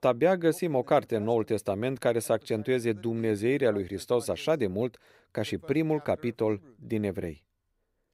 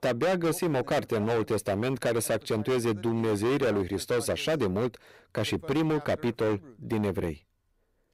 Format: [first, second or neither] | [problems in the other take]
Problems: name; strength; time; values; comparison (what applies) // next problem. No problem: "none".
first | distortion; heavy; 18% of the sound clipped